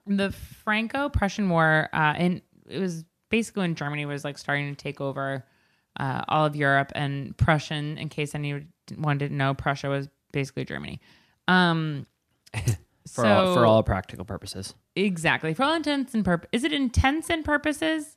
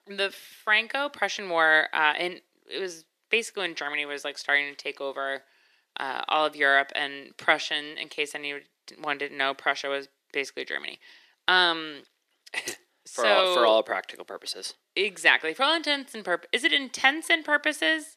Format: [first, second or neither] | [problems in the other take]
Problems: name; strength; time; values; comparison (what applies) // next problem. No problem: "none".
first | thin; very; fading below 350 Hz